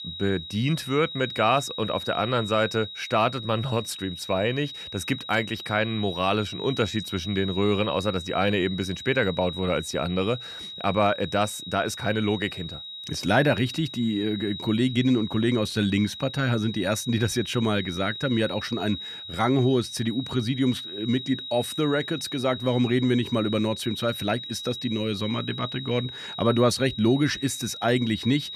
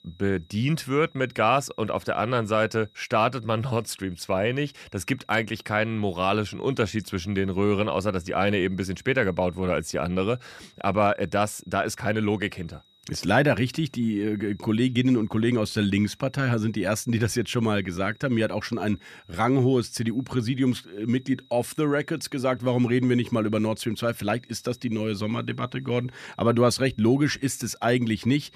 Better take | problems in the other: second | high-pitched whine; loud; throughout; 4 kHz, 9 dB below the speech; faint in the second

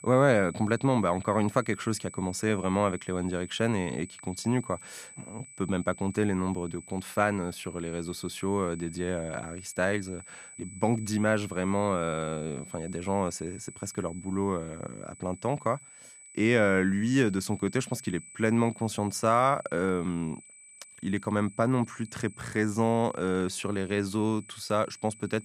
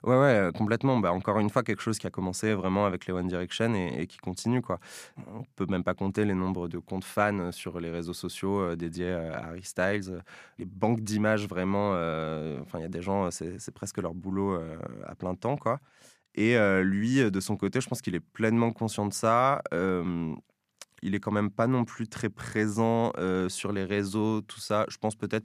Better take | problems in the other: second | high-pitched whine; noticeable; throughout; 8 kHz, 20 dB below the speech

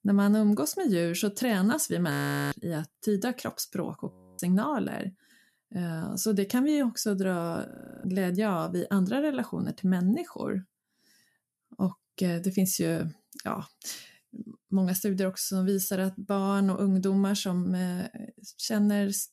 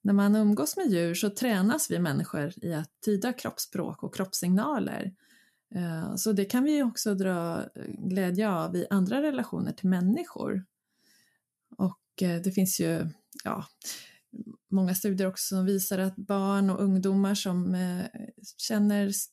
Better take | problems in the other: second | audio freezing; at 2 s, at 4 s and at 7.5 s

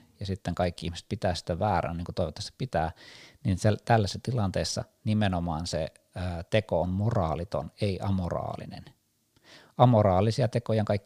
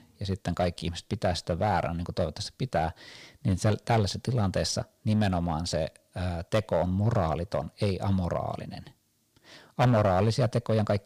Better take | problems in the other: first | distortion; slight; 3% of the sound clipped

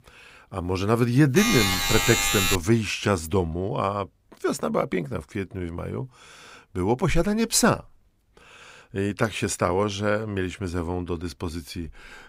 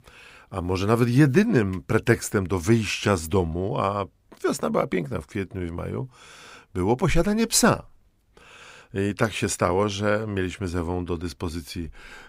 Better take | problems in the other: second | alarm; loud; from 1.5 to 2.5 s; peak 4 dB above the speech

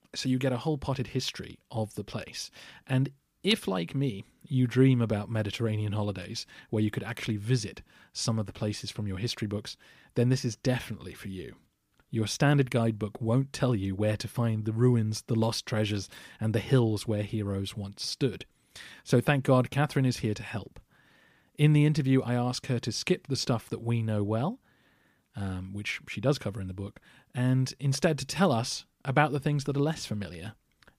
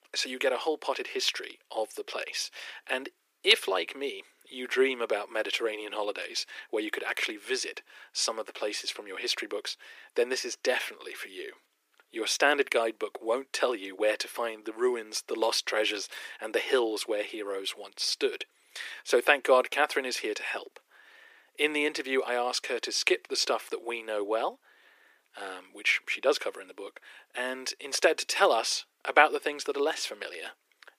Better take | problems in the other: first | thin; very; fading below 350 Hz

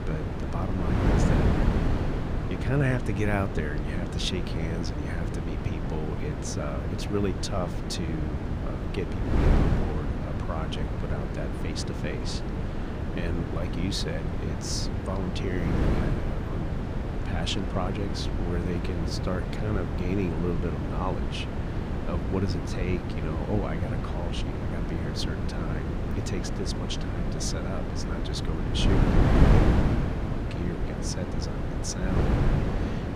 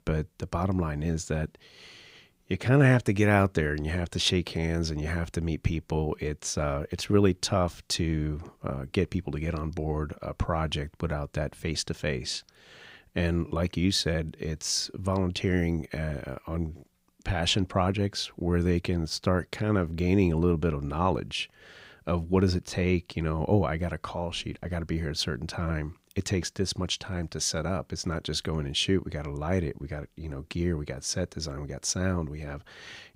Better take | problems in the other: second | wind noise on the microphone; heavy; 1 dB above the speech

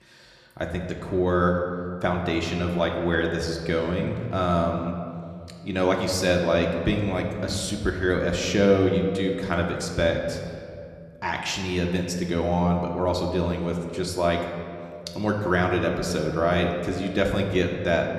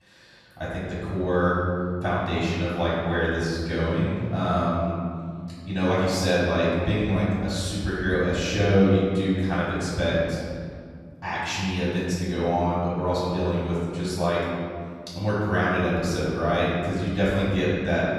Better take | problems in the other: first | room echo; strong; dies away in 2.1 s; slight in the first // off-mic speech; far

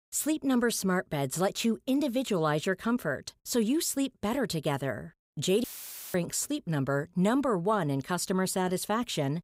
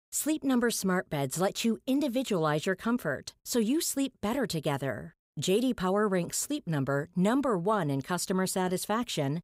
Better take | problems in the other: second | audio cutting out; filled with static; at 5.5 s for 0.5 s

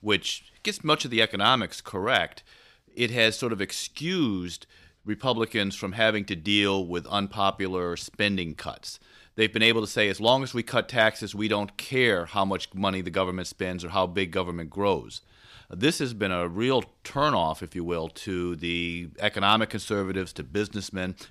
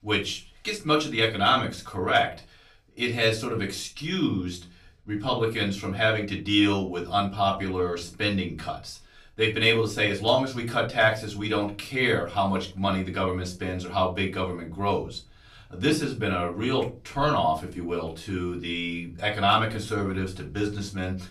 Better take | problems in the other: first | off-mic speech; far // room echo; very slight; dies away in 0.3 s

